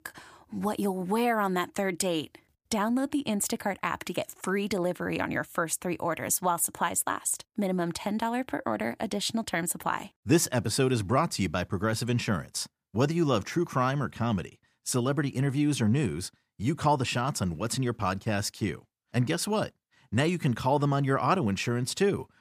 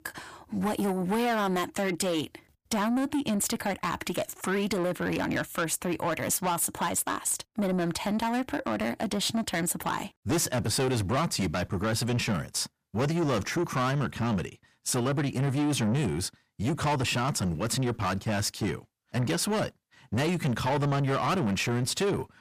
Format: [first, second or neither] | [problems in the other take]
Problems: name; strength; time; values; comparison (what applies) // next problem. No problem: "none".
first | distortion; heavy; 8 dB below the speech